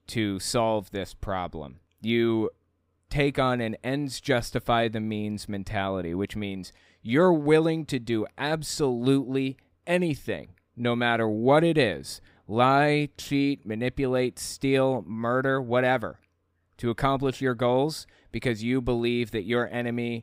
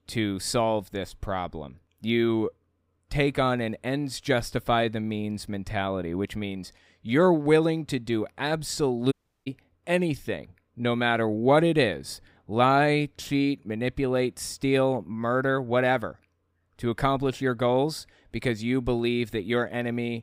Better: first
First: none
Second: audio cutting out; at 9 s

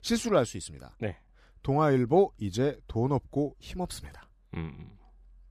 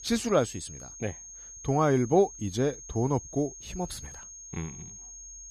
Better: first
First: none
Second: high-pitched whine; noticeable; throughout; 6.5 kHz, 15 dB below the speech

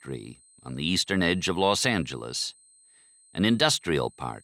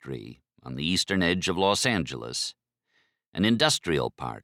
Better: second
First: high-pitched whine; faint; throughout; 8 kHz, 30 dB below the speech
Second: none

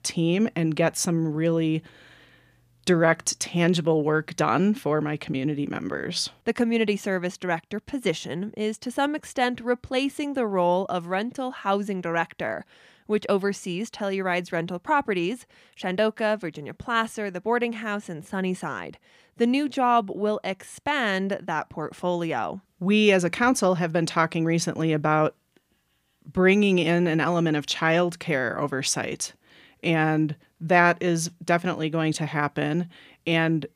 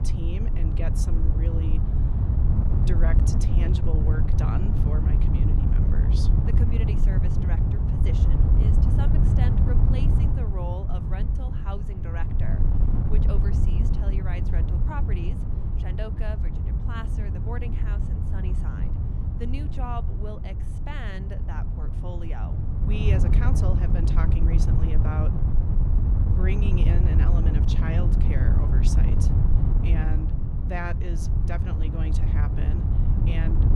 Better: first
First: none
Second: wind noise on the microphone; heavy; 1 dB above the speech

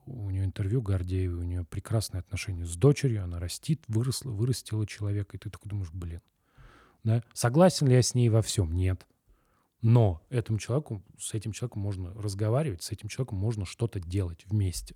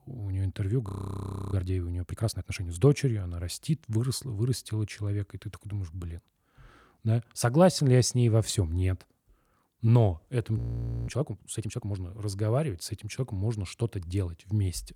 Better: first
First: none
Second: audio freezing; at 1 s for 0.5 s and at 11 s for 0.5 s

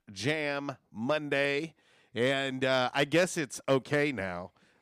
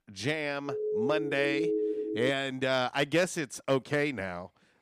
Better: first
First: none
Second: siren; loud; from 0.5 to 2.5 s; peak 1 dB above the speech

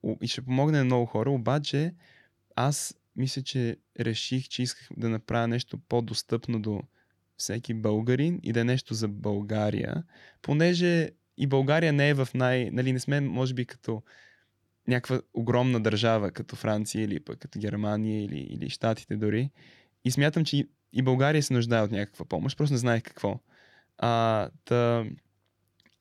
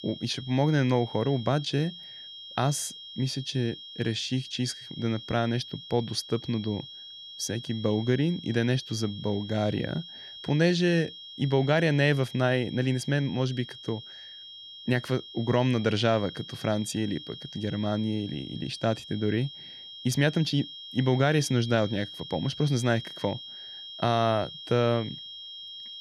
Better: first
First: none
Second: high-pitched whine; noticeable; throughout; 3 kHz, 15 dB below the speech

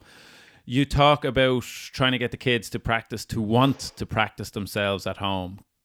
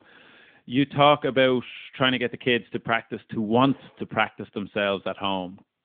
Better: first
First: none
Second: phone-call audio; nothing above 3.5 kHz

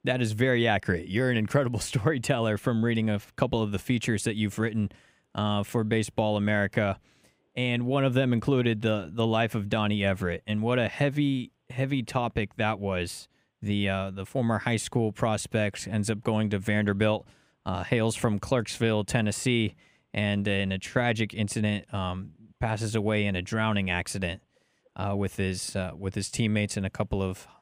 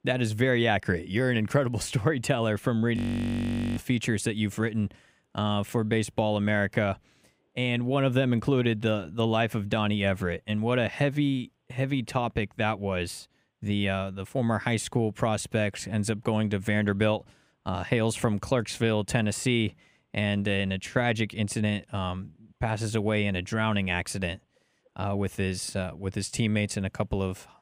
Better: first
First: none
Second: audio freezing; at 3 s for 1 s

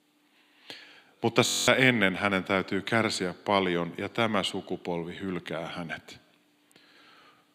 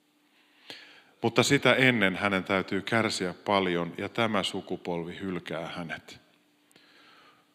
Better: second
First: audio freezing; at 1.5 s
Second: none

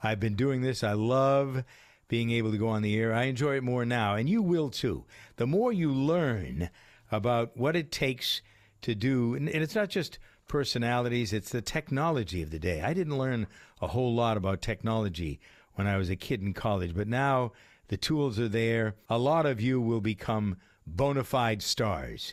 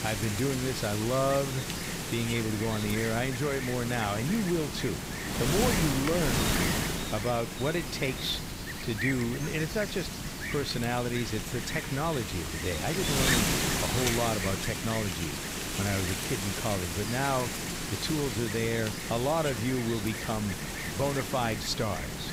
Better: first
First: none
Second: wind noise on the microphone; heavy; as loud as the speech

